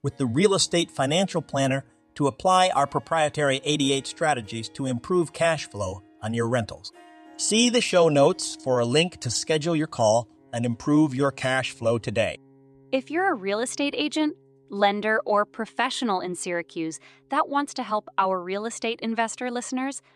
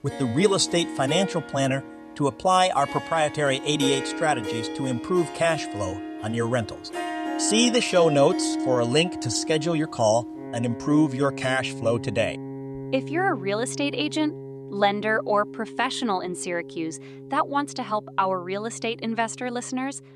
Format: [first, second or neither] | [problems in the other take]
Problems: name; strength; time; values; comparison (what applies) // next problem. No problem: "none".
first | background music; loud; throughout; 10 dB below the speech; faint in the first